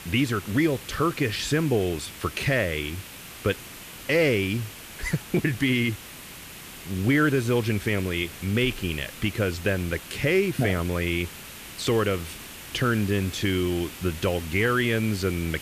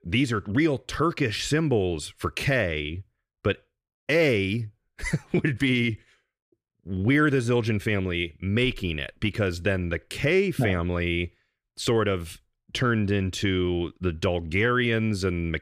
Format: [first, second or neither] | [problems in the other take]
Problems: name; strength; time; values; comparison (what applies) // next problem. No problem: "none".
second | hiss; noticeable; throughout; 15 dB below the speech